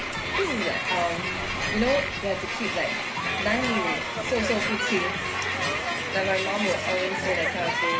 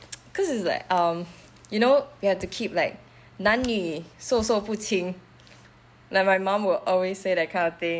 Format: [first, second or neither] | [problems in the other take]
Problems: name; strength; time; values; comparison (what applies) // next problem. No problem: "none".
second | background sound (Crowd); 1 dB above the speech // room echo; dies away in 0.4 s